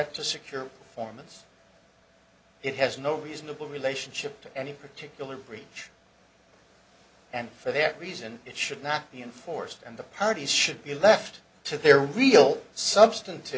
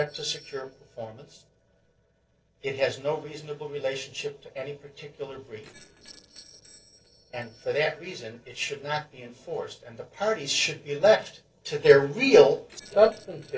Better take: first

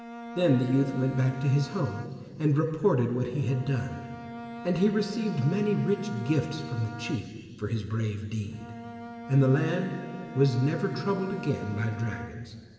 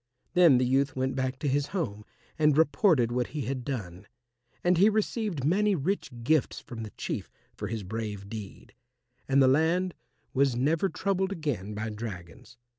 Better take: second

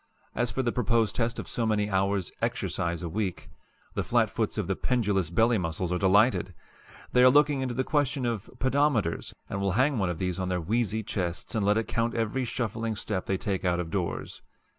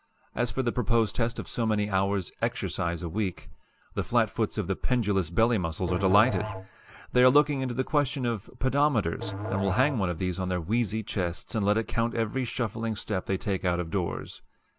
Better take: first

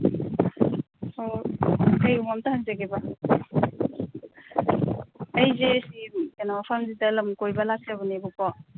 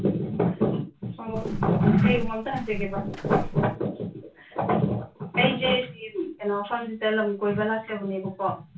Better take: first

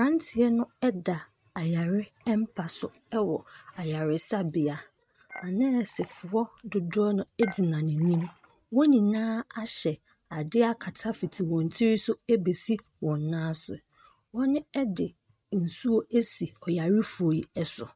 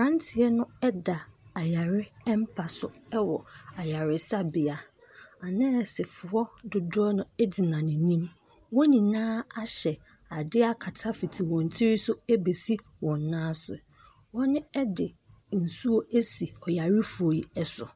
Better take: second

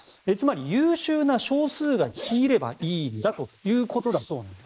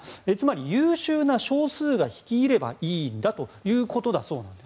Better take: second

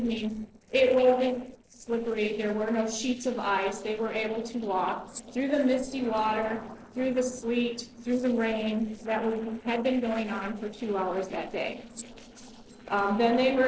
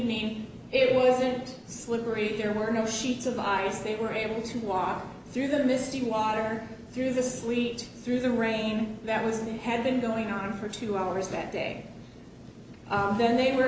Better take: second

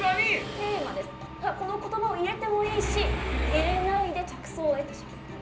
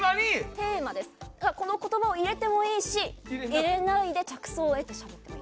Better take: second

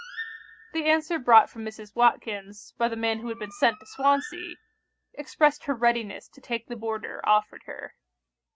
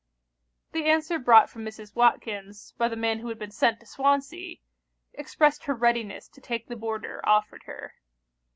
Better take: second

